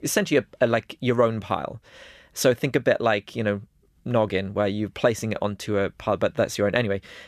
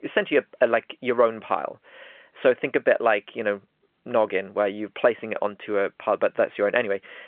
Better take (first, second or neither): first